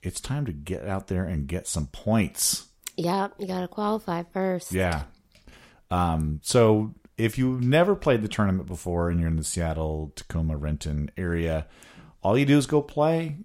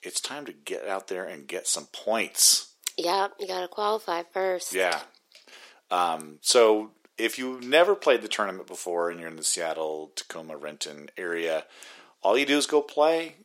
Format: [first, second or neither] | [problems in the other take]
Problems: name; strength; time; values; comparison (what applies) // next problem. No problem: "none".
first | thin; very; fading below 350 Hz